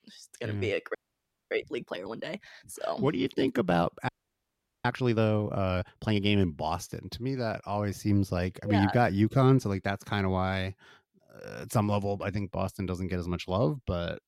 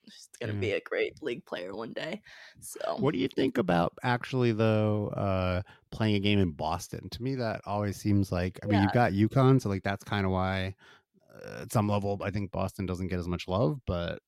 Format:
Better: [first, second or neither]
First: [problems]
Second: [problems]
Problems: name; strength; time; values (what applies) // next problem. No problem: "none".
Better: second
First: audio freezing; at 1 s for 0.5 s and at 4 s for 1 s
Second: none